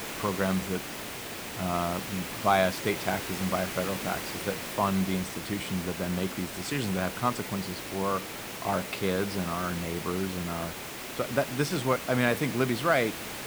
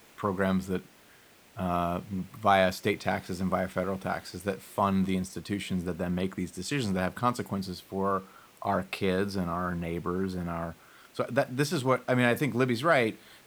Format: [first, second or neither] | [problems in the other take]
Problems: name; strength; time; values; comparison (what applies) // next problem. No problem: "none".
second | hiss; loud; throughout; 6 dB below the speech; faint in the second